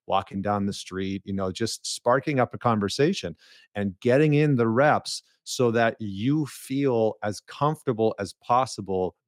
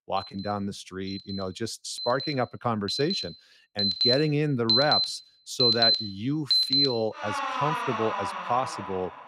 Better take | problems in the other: first | alarms or sirens; very loud; throughout; 4 dB above the speech

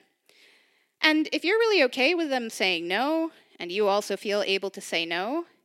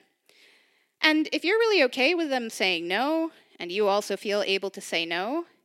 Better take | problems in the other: neither | thin; somewhat; fading below 300 Hz; the same in both

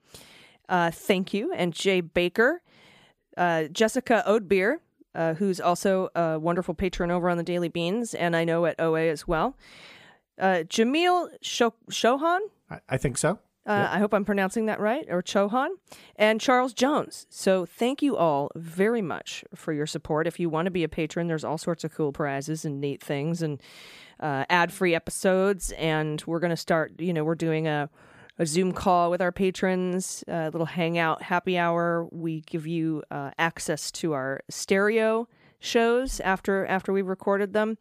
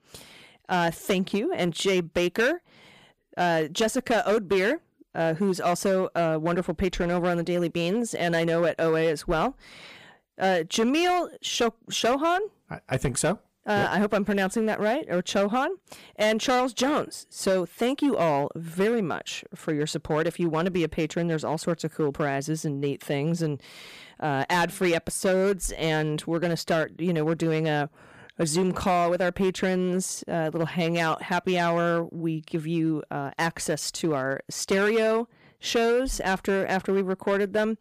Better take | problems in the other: first | distortion; slight; 8% of the sound clipped

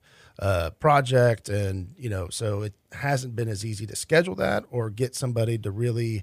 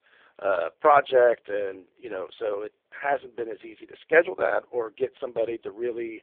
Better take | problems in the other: first | phone-call audio; poor line

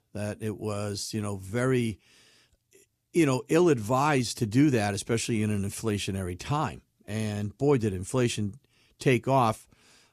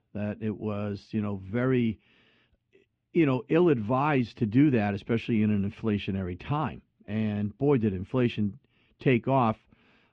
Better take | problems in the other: first | muffled; very; fading above 3 kHz

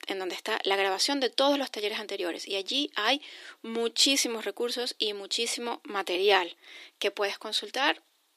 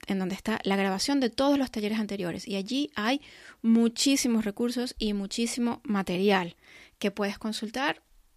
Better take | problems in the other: second | thin; somewhat; fading below 300 Hz

